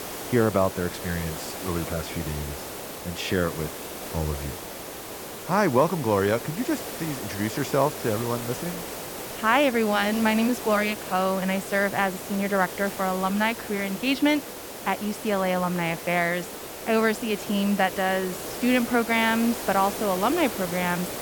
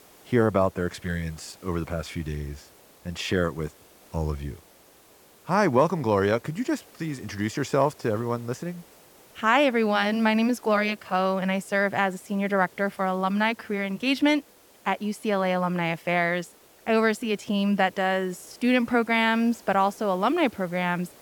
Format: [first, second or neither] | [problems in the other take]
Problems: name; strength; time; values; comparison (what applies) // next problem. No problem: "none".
second | hiss; loud; throughout; 9 dB below the speech; faint in the second